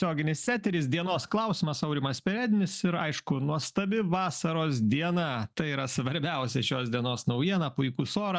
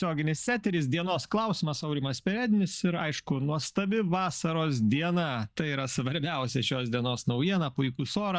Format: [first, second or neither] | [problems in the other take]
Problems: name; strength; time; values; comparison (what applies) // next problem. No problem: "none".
first | noise reduction (neural mask model DeepFilterNet 3)